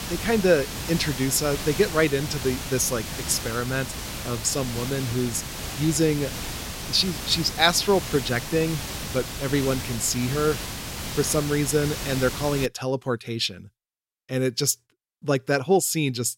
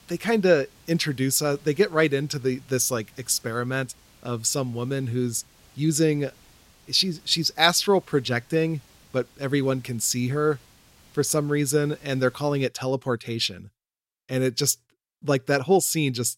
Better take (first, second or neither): second